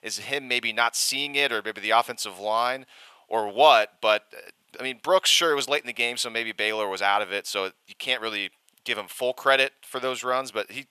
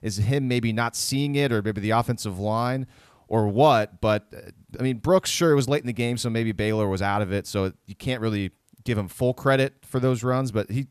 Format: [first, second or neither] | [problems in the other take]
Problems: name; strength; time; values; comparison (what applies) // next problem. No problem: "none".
second | thin; very; fading below 700 Hz